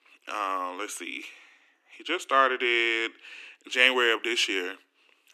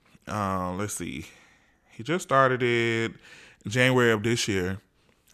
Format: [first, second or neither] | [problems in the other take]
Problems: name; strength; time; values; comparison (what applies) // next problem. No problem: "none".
second | thin; somewhat; fading below 250 Hz